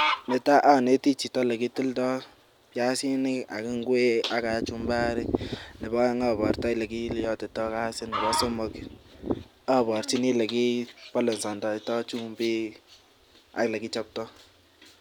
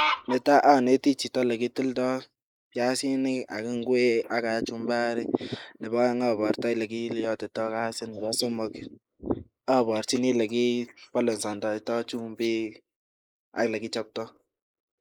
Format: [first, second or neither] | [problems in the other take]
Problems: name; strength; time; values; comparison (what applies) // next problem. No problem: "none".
first | noise reduction (neural mask model Resemble Enhance denoiser)